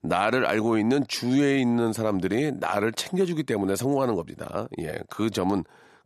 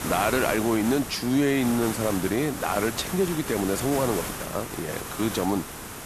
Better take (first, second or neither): first